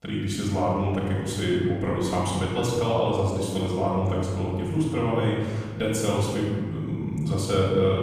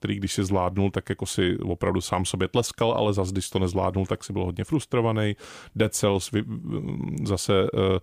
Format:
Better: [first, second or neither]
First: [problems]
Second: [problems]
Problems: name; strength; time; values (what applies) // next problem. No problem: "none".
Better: second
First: off-mic speech; far // room echo; strong; dies away in 1.8 s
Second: none